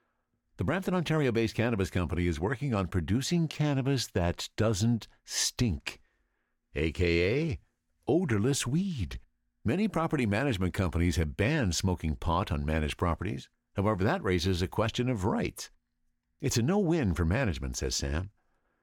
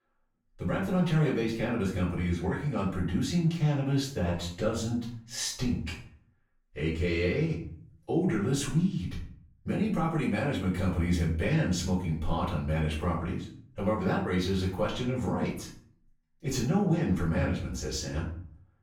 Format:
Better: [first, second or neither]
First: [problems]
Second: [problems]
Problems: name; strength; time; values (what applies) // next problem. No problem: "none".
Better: first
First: none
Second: off-mic speech; far // room echo; noticeable; dies away in 0.4 s